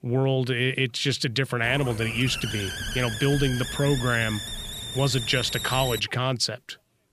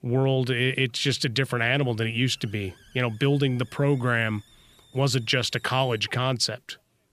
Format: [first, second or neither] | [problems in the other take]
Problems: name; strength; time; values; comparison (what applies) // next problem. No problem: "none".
second | hiss; loud; from 1.5 to 6 s; 7 dB below the speech; faint in the second